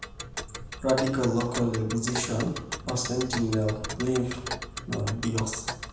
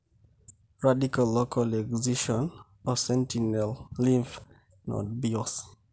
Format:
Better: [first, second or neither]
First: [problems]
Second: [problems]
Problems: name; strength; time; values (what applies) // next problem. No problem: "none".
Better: second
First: background sound (Tick); 7 dB below the speech // room echo; dies away in 0.8 s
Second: none